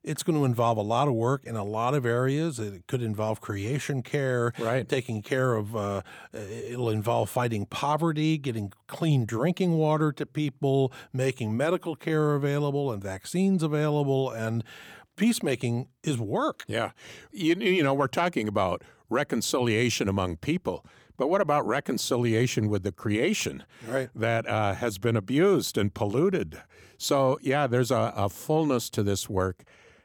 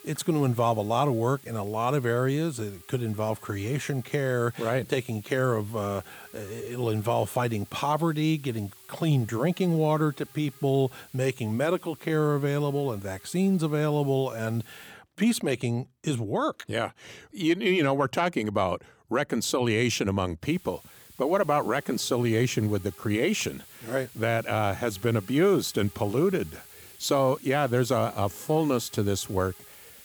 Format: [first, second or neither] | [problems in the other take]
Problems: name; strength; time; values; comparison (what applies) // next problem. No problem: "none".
first | hiss; faint; until 15 s and from 20 s on; 20 dB below the speech